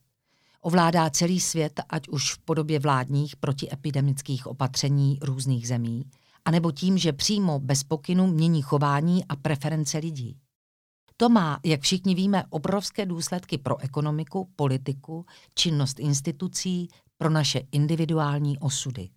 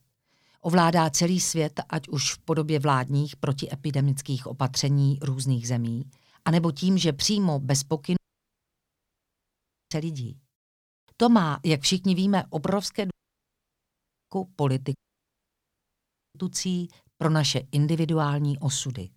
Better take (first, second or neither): first